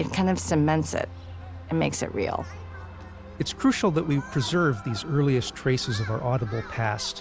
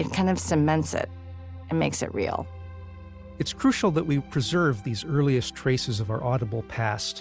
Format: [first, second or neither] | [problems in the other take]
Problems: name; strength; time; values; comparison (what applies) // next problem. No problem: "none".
second | background sound (Human group actions); 18 dB below the speech